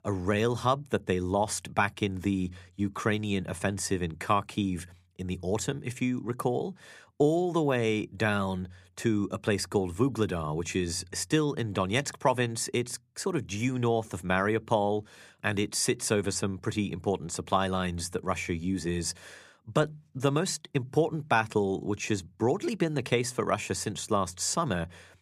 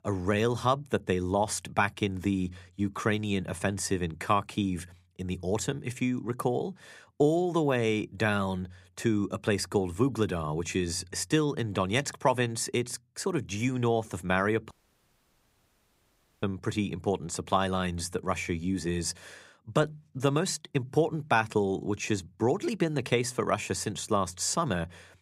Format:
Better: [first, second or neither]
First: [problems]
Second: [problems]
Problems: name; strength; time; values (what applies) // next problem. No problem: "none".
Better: first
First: none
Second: audio cutting out; at 15 s for 1.5 s